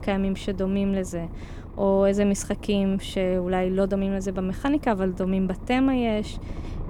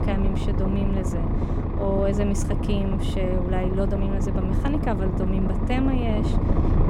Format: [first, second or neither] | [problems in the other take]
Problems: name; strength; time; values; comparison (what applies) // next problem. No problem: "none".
first | low rumble; loud; throughout; 3 dB below the speech; faint in the first